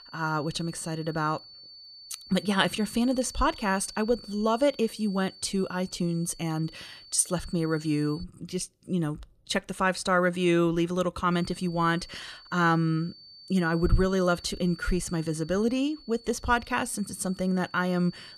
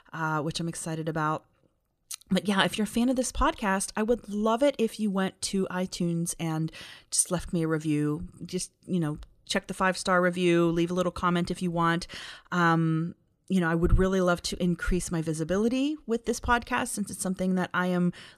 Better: second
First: high-pitched whine; noticeable; until 8 s and from 11 s on; 4.5 kHz, 20 dB below the speech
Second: none

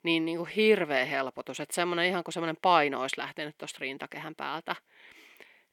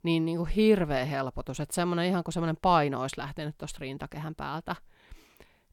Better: second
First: thin; somewhat; fading below 350 Hz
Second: none

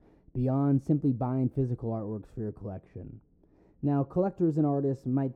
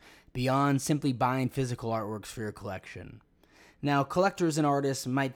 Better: second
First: muffled; very; fading above 1 kHz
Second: none

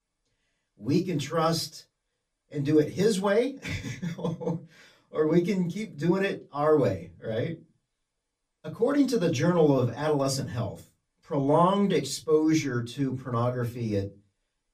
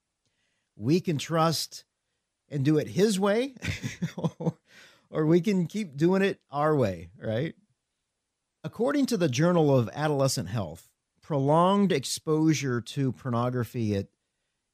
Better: second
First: off-mic speech; far // room echo; very slight; dies away in 0.2 s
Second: none

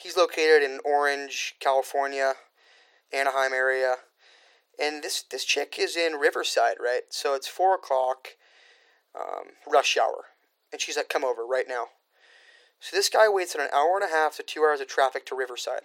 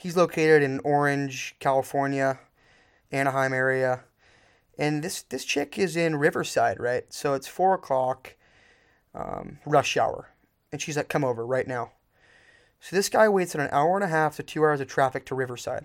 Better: second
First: thin; very; fading below 350 Hz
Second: none

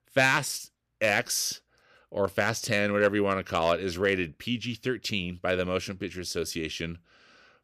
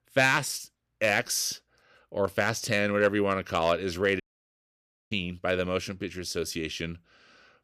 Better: first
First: none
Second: audio cutting out; at 4 s for 1 s

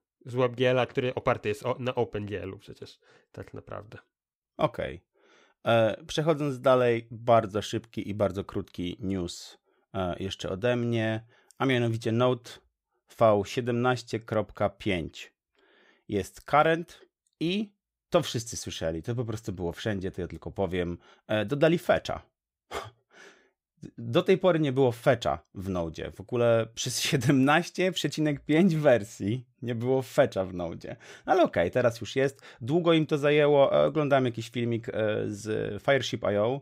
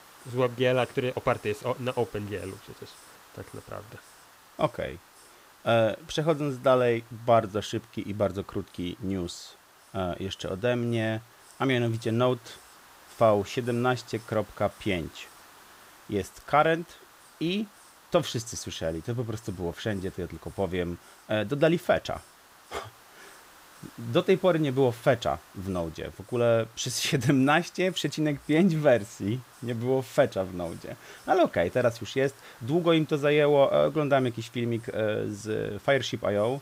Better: first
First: none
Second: hiss; faint; throughout; 25 dB below the speech

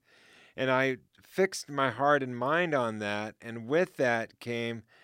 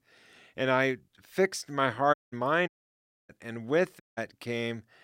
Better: first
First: none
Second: audio cutting out; at 2 s, at 2.5 s for 0.5 s and at 4 s

